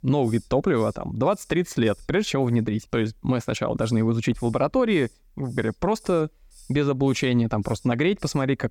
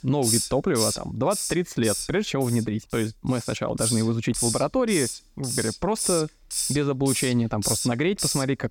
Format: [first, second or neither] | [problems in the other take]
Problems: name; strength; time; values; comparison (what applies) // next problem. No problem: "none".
first | hiss; loud; throughout; 2 dB below the speech; faint in the first